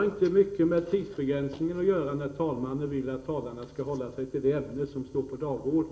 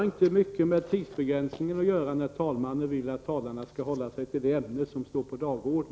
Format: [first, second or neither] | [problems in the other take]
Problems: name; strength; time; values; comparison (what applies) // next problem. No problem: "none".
second | room echo; dies away in 0.9 s